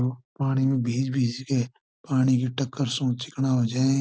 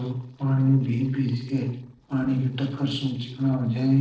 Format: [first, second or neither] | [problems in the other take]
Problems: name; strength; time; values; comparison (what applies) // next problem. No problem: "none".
first | noise reduction (neural separator model SepFormer DNS4)